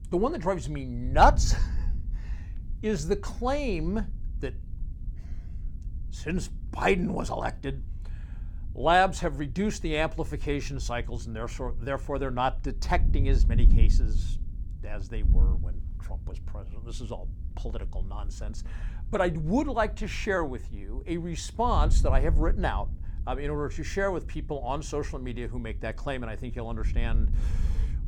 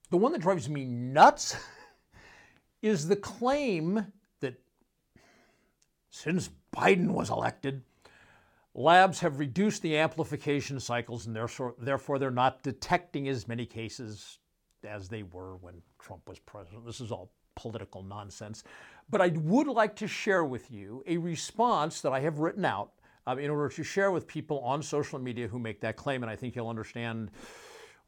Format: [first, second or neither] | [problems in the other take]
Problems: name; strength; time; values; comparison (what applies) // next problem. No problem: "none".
second | wind noise on the microphone; occasional gusts; 20 dB below the speech